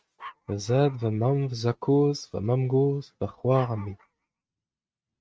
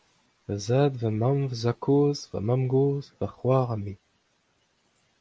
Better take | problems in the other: second | noise reduction (neural mask model RNNoise)

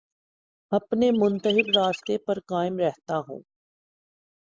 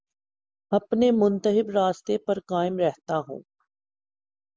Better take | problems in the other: second | noise reduction (neural mask model Resemble Enhance denoiser)

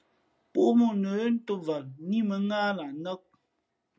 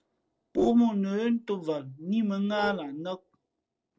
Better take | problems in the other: first | noise reduction (neural separator model SepFormer DNS4)

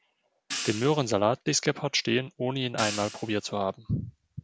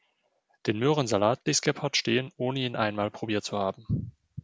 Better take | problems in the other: second | background sound (Hi-hat); 12 dB below the speech

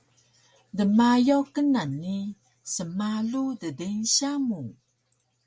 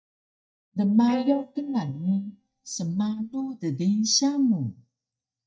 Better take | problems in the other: first | noise reduction (neural mask model DeepFilterNet 3)

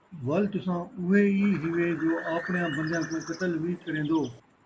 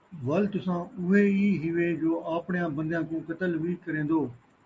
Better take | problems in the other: second | background sound (Bird); 13 dB below the speech

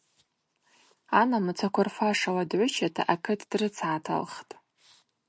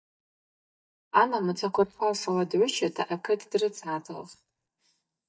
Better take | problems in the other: first | noise reduction (neural mask model DeepFilterNet 3)

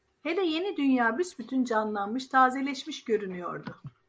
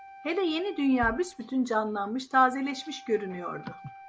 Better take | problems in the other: first | background sound (Wind instrument, woodwind instrument + Bass drum); 18 dB below the speech

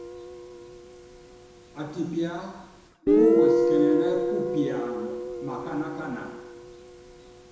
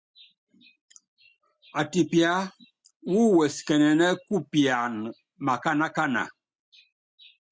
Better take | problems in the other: second | background sound (Guitar); 4 dB above the speech // room echo; dies away in 1 s

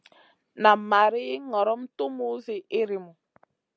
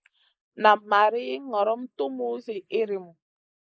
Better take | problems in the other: first | noise reduction (neural mask model Resemble Enhance denoiser)

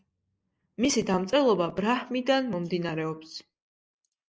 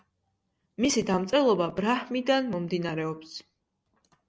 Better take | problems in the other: second | noise reduction (neural mask model Resemble Enhance denoiser)

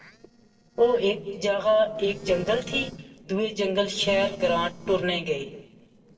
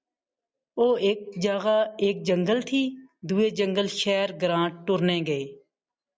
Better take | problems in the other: second | noise reduction (neural separator model SepFormer DNS4)

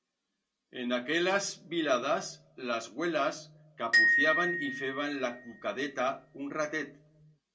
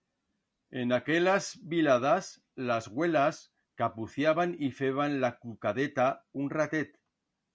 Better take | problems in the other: second | background sound (Glockenspiel); 2 dB above the speech // room echo; dies away in 0.2 s

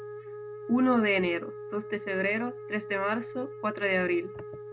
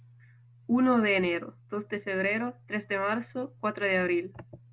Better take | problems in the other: second | background sound (Wind instrument, woodwind instrument); 11 dB below the speech

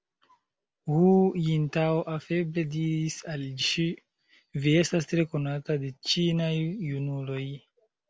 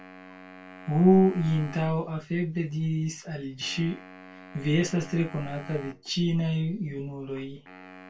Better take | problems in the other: first | background sound (Wind instrument, woodwind instrument); 20 dB below the speech // room echo; dies away in 0.2 s

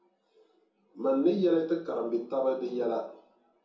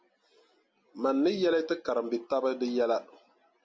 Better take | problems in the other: second | room echo; dies away in 0.6 s

